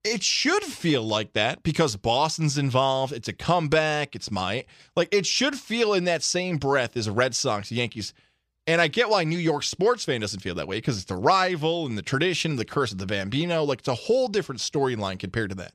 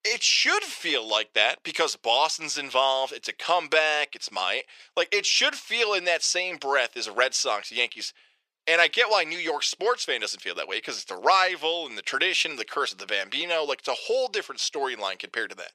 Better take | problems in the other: first | thin; very; fading below 500 Hz

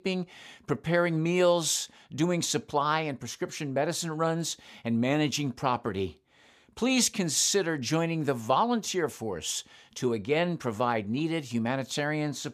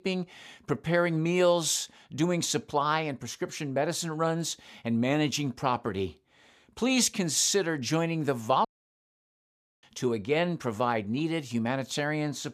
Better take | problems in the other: first | audio cutting out; at 8.5 s for 1 s

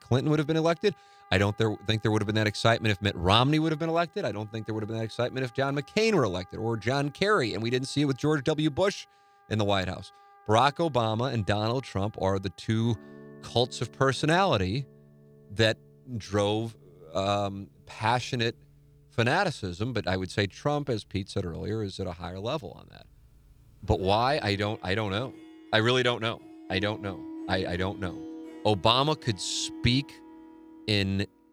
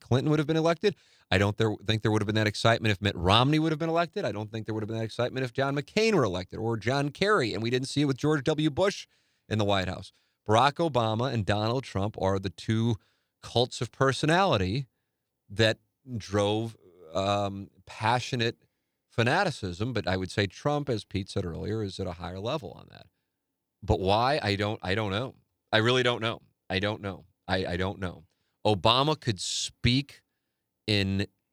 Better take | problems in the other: second | background music; faint; throughout; 20 dB below the speech

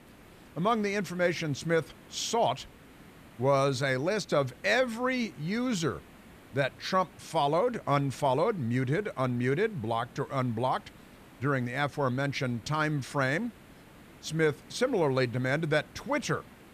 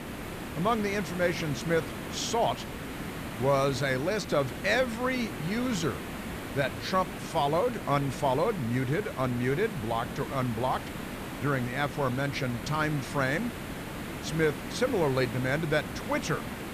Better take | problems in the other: first | hiss; loud; throughout; 8 dB below the speech; faint in the first

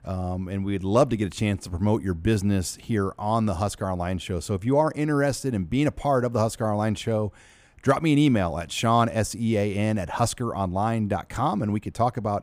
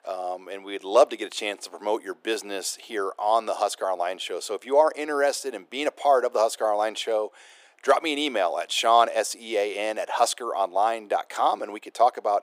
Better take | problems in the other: first | thin; very; fading below 400 Hz

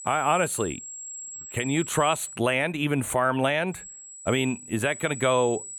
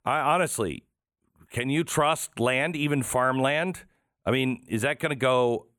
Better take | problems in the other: second | high-pitched whine; noticeable; until 2.5 s and from 3.5 s on; 7.5 kHz, 10 dB below the speech

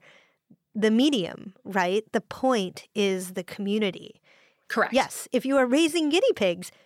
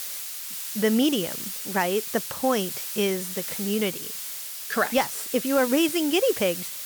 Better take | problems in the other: first | hiss; loud; throughout; 6 dB below the speech

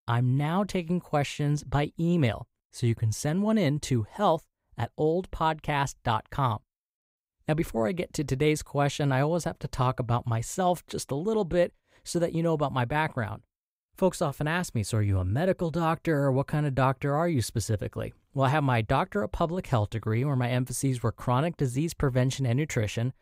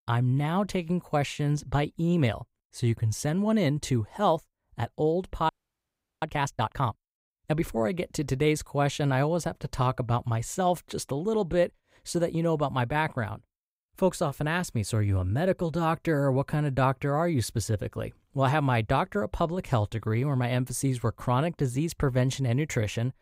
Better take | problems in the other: first | audio freezing; at 5.5 s for 0.5 s

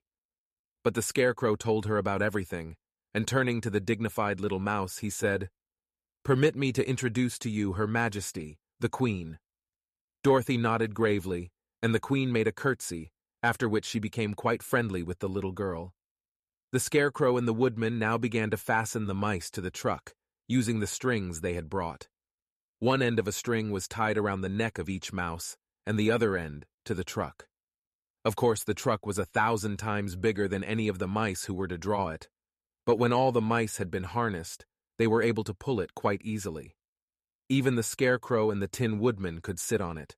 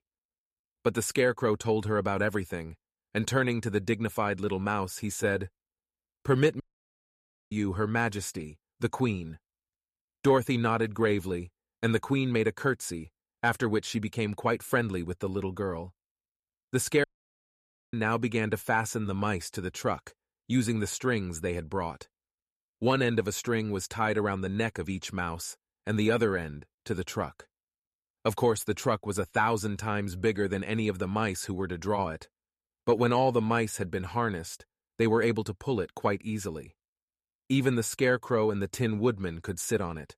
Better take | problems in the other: first | audio cutting out; at 6.5 s for 1 s and at 17 s for 1 s

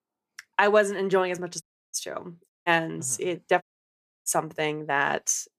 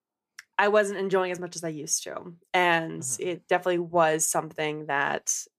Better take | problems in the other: second | audio cutting out; at 1.5 s, at 2.5 s and at 3.5 s for 0.5 s

